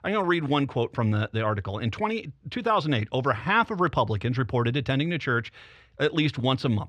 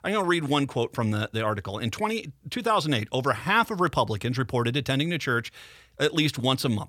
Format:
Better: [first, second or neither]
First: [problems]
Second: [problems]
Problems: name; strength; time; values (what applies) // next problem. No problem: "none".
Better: second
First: muffled; slightly; fading above 3 kHz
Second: none